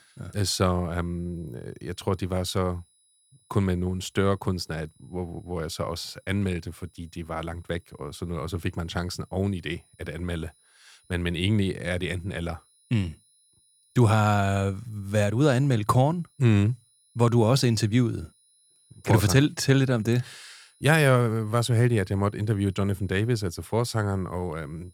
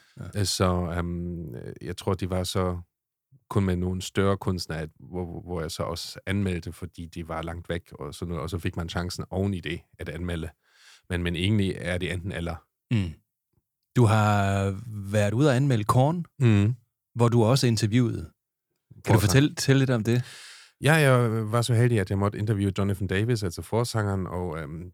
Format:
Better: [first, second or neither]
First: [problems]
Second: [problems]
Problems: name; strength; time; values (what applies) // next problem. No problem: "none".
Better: second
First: high-pitched whine; faint; throughout; 10.5 kHz, 35 dB below the speech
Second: none